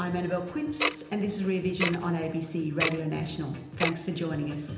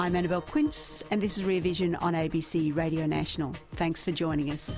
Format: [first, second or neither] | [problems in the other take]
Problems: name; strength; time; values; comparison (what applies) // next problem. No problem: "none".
second | background sound (Tick-tock); 6 dB below the speech // room echo; dies away in 0.8 s